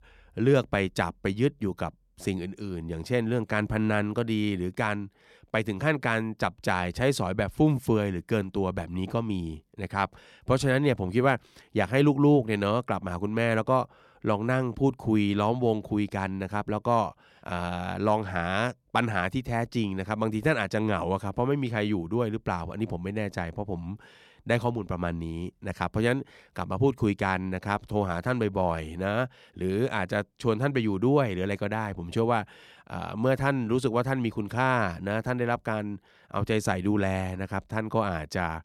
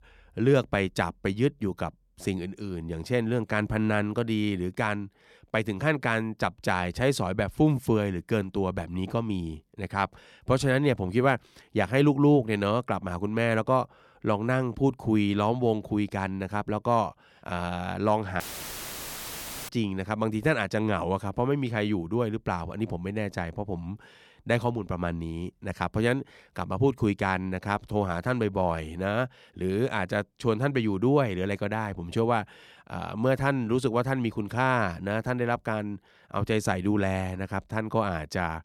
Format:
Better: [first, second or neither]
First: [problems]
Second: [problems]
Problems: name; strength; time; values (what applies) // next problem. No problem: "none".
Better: first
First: none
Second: audio cutting out; filled with static; at 18 s for 1.5 s